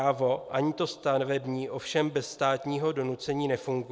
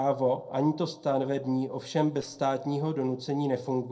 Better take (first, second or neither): first